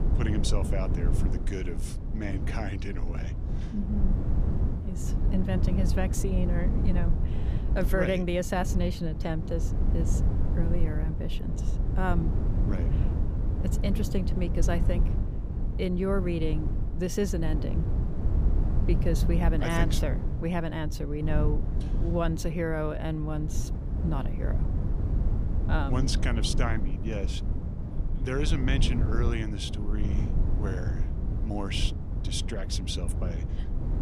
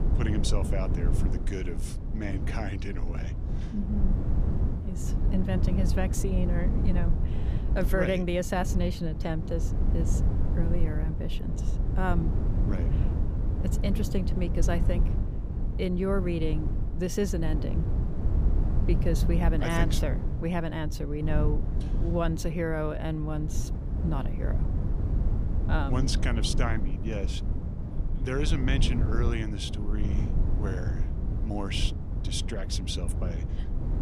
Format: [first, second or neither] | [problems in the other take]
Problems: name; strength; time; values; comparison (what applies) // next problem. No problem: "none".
neither | wind noise on the microphone; heavy; 7 dB below the speech; the same in both